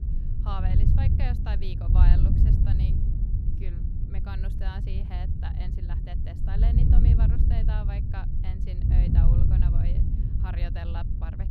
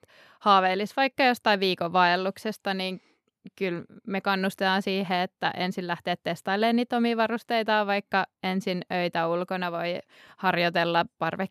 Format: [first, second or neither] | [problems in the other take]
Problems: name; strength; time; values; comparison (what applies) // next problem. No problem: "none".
second | wind noise on the microphone; heavy; 1 dB above the speech